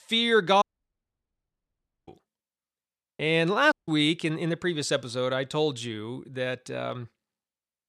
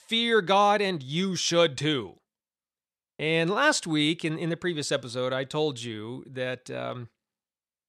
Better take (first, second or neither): second